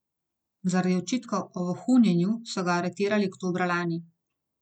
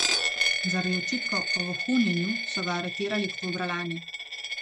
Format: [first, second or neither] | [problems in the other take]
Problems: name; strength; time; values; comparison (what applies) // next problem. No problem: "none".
first | background sound (Coin (dropping)); 1 dB above the speech